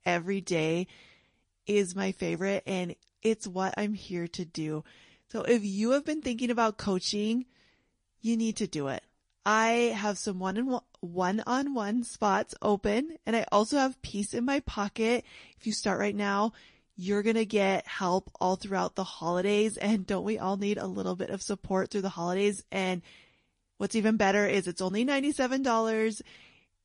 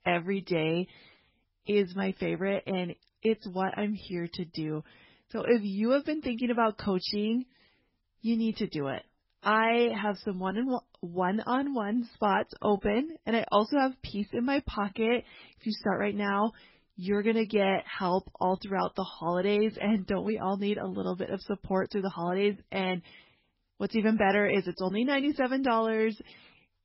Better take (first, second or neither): first